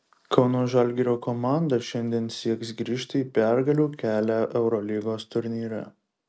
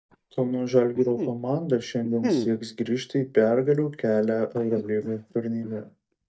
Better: first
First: none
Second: noise reduction (neural mask model DeepFilterNet 3)

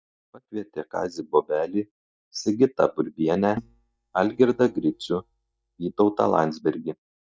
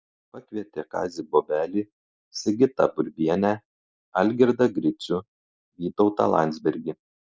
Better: second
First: noise reduction (neural mask model DeepFilterNet 3)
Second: none

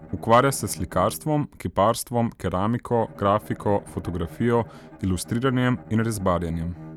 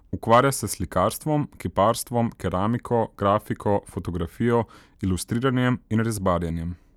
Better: second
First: background sound (Bowed string instrument); 19 dB below the speech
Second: none

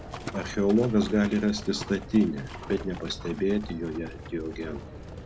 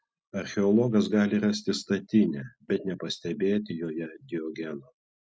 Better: second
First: background sound (Livestock, farm animals, working animals); 12 dB below the speech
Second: none

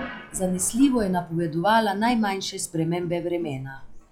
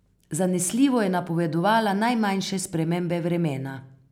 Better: second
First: noise reduction (classical method log-MMSE)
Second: none

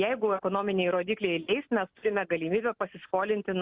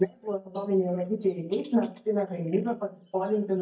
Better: first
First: none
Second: noise reduction (neural mask model DeepFilterNet 3)

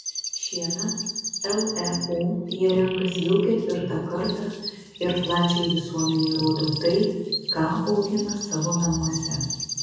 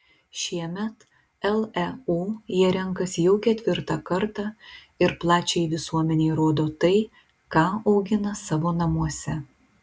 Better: second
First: background sound (Chirp, tweet); 8 dB below the speech // room echo; dies away in 1.1 s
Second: none

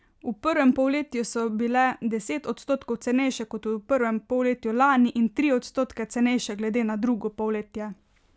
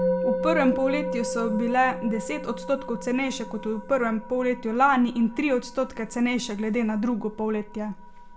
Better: first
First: none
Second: background sound (Musical instrument); 7 dB below the speech // room echo; dies away in 0.5 s

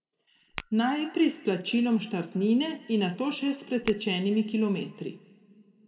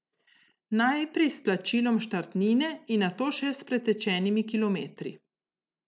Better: second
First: background sound (Tap / Glass); 18 dB below the speech // room echo; dies away in 1.3 s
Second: none

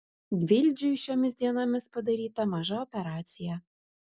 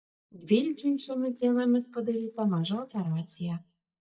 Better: first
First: none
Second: noise reduction (neural mask model DeepFilterNet 3)

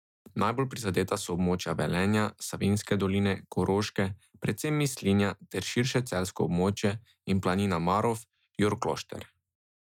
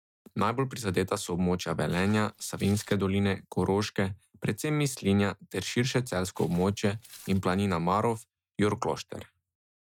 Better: first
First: none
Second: noise reduction (neural mask model RNNoise)

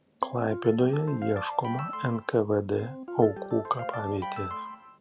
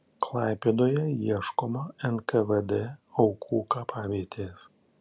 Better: second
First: background sound (Ringtone); 10 dB below the speech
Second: none

